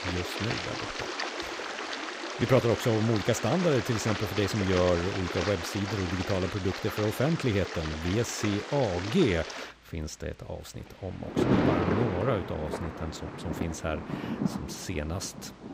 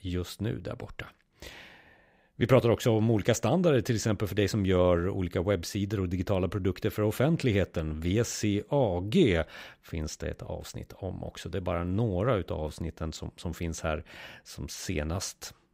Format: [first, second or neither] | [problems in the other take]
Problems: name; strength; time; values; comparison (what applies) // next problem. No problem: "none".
second | rain or running water; loud; throughout; 4 dB below the speech